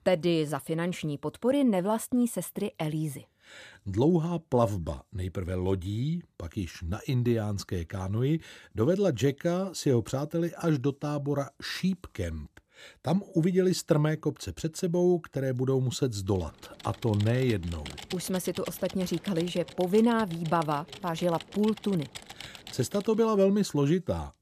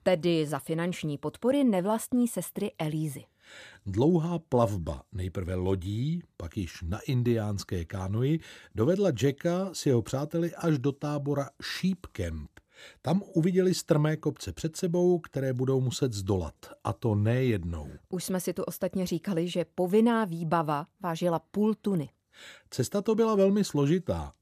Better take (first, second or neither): second